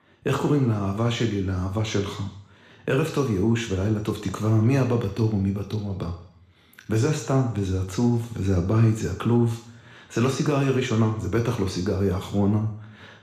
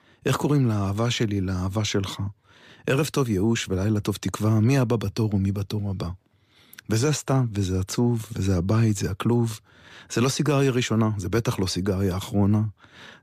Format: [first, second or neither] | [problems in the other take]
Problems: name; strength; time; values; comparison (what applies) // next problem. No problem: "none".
second | room echo; slight; dies away in 0.7 s // off-mic speech; somewhat distant